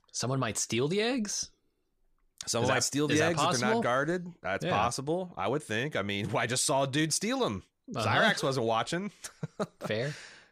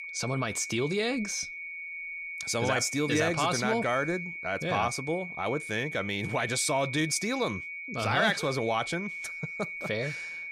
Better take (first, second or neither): first